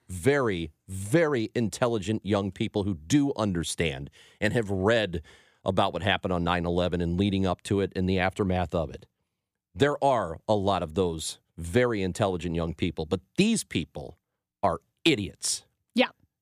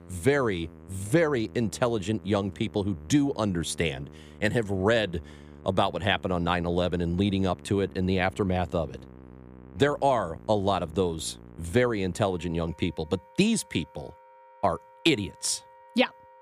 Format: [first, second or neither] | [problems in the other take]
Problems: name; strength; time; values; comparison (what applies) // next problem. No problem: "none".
first | background music; faint; throughout; 20 dB below the speech